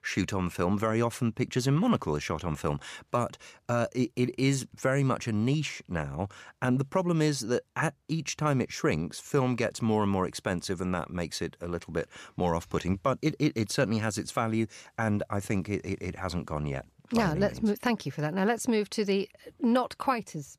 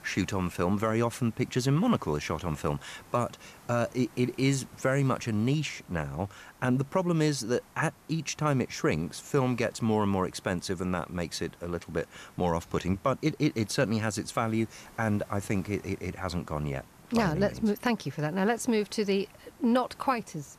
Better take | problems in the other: first | hiss; faint; throughout; 25 dB below the speech

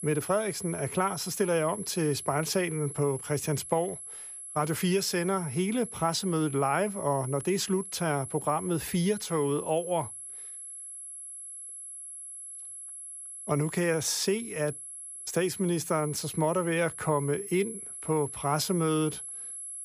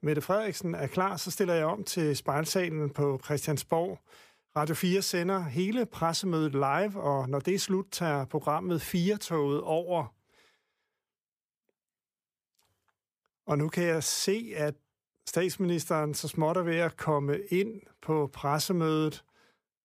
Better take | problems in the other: second | high-pitched whine; loud; throughout; 11 kHz, 9 dB below the speech

